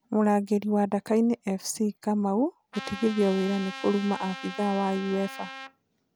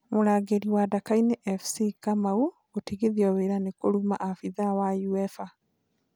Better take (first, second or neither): second